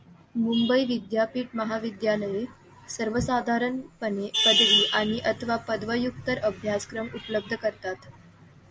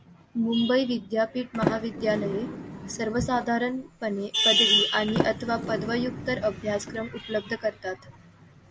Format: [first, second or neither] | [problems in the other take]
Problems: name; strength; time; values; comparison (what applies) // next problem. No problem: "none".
first | background sound (Sliding door); 7 dB below the speech